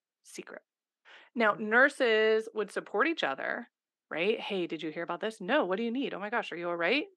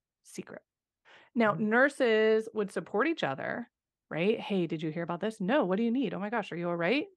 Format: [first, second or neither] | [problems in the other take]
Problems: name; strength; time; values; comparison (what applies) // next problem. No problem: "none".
second | thin; very slightly; fading below 250 Hz